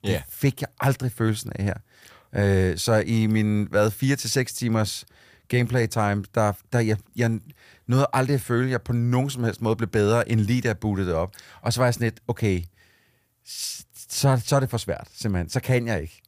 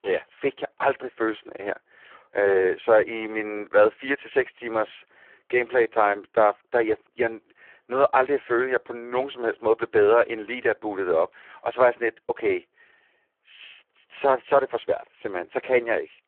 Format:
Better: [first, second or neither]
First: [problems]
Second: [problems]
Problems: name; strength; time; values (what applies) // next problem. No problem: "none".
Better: first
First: none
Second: phone-call audio; poor line